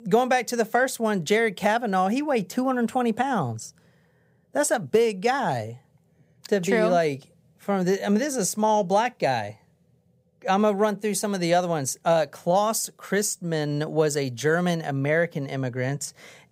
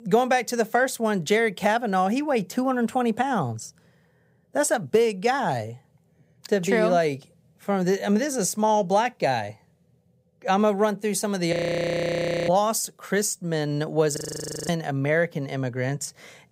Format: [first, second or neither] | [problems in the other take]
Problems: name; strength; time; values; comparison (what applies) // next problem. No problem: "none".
first | audio freezing; at 12 s for 1 s and at 14 s for 0.5 s